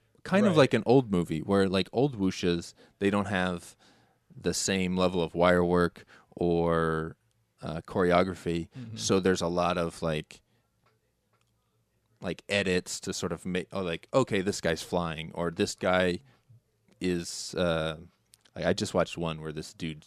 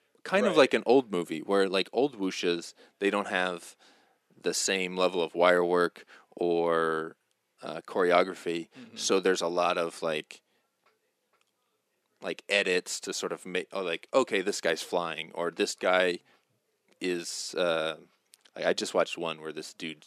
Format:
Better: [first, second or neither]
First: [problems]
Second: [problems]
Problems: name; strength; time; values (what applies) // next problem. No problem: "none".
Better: first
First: none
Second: thin; very slightly; fading below 300 Hz